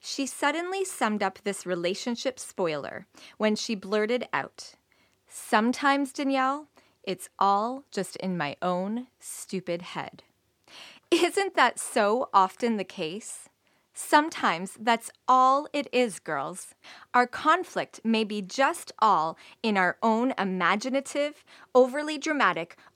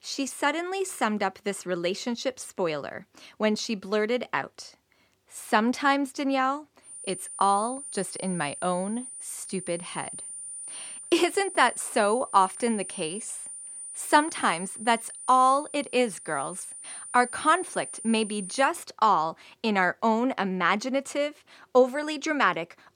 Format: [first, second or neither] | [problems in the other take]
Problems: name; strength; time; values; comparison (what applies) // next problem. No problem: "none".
first | high-pitched whine; noticeable; from 7 to 19 s; 9 kHz, 10 dB below the speech